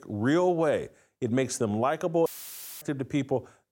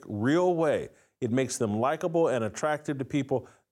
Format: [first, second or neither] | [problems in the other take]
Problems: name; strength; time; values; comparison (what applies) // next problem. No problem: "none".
second | audio cutting out; filled with static; at 2.5 s for 0.5 s